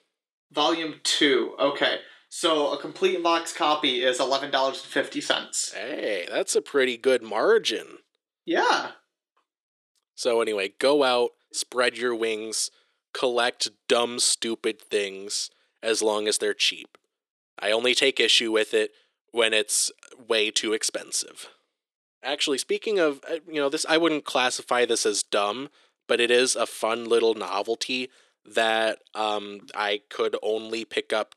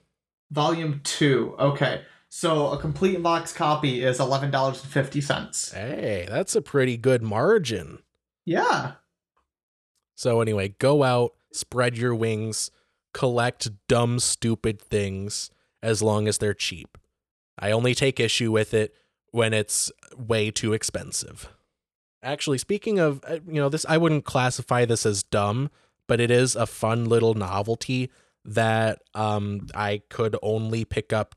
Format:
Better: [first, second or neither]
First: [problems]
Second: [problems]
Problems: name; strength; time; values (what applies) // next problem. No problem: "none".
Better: second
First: thin; somewhat; fading below 300 Hz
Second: none